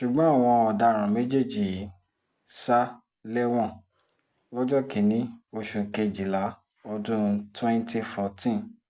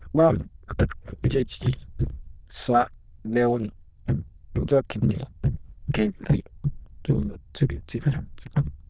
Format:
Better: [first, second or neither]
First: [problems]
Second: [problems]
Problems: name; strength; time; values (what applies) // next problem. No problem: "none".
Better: first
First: none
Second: noise reduction (neural diffusion model UNIVERSE++)